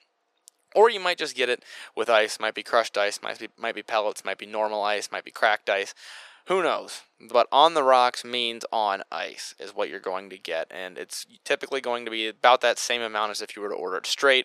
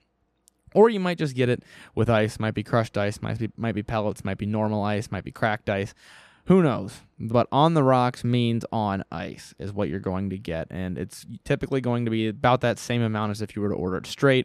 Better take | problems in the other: second | thin; very; fading below 500 Hz

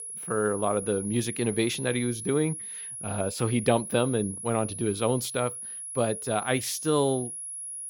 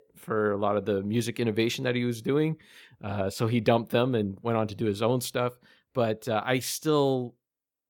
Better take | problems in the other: second | high-pitched whine; loud; throughout; 10.5 kHz, 7 dB below the speech

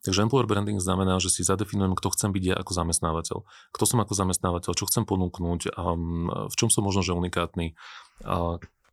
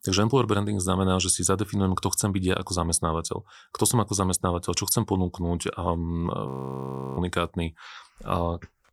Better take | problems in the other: first | audio freezing; at 6.5 s for 0.5 s

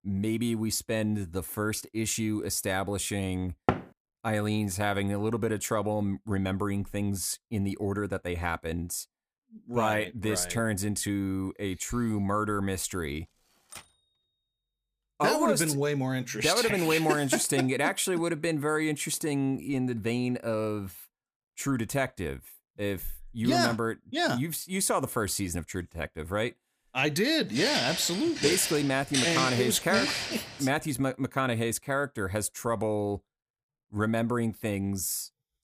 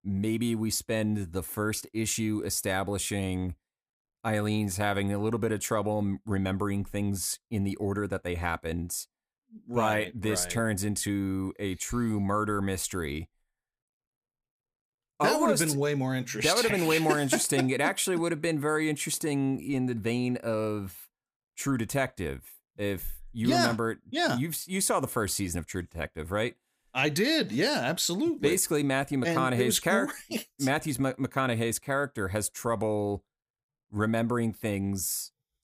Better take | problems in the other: second | door banging; noticeable; at 3.5 s; peak 1 dB below the speech // keyboard typing; faint; at 14 s; peak 20 dB below the speech // footsteps; loud; from 28 to 31 s; peak 3 dB above the speech

